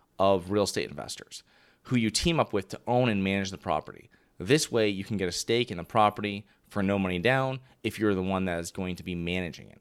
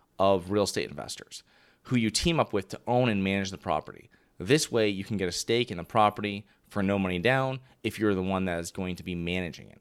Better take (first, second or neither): neither